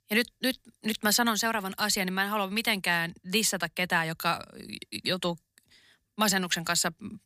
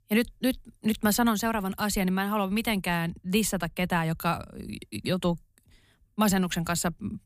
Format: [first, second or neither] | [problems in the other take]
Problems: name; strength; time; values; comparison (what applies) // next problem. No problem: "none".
second | thin; very slightly; fading below 300 Hz